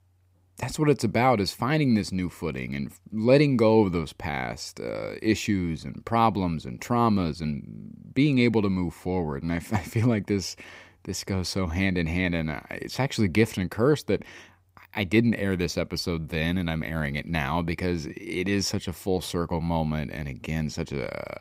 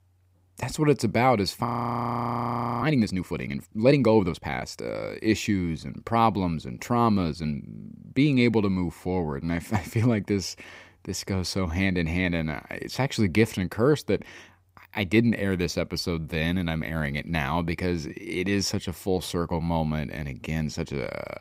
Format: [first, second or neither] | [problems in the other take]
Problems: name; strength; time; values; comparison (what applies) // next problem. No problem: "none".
first | audio freezing; at 1.5 s for 1 s